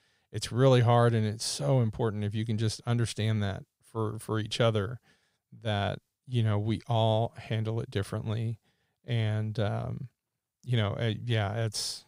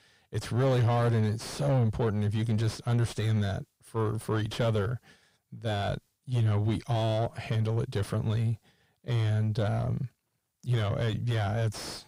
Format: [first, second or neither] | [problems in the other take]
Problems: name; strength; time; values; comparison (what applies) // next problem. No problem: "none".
first | distortion; heavy; 5 dB below the speech